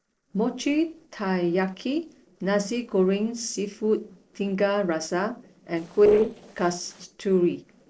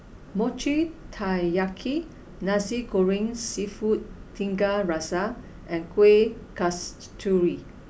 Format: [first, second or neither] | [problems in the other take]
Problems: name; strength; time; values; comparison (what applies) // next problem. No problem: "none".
second | noise reduction (neural separator model SepFormer DNS4)